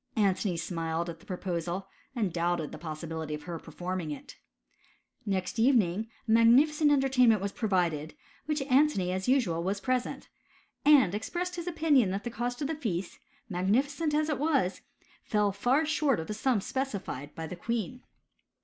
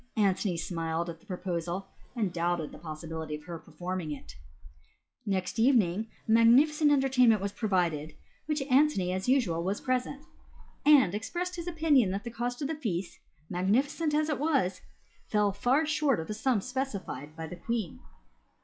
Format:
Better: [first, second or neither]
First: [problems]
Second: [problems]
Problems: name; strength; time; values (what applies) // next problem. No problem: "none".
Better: first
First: none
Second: noise reduction (classical method log-MMSE)